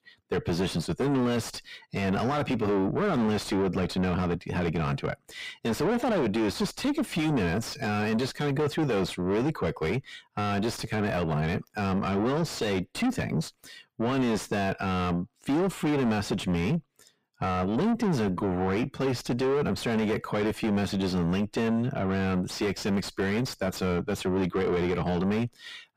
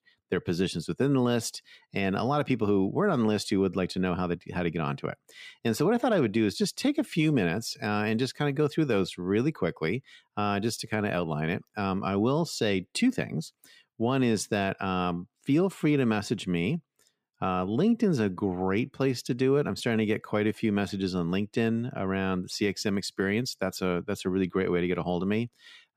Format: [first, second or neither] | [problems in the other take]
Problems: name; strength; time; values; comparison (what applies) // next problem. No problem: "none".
second | distortion; heavy; 6 dB below the speech